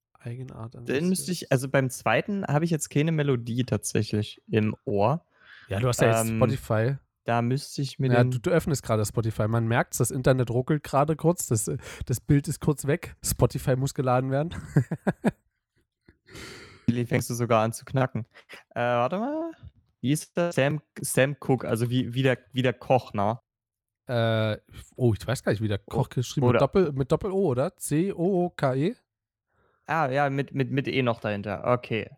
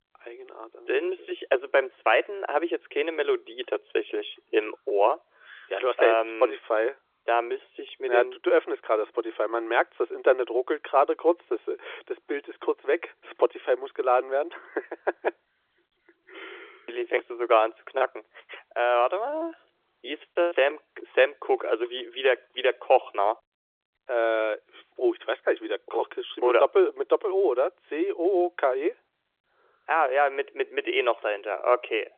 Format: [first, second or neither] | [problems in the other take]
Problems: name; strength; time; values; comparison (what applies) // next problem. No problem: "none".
first | phone-call audio; nothing above 3.5 kHz